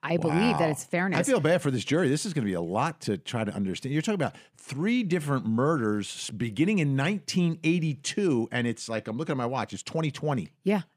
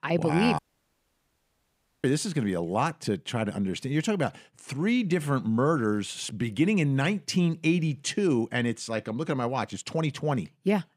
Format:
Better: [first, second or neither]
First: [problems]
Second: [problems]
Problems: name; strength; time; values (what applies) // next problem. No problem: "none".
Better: first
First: none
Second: audio cutting out; at 0.5 s for 1.5 s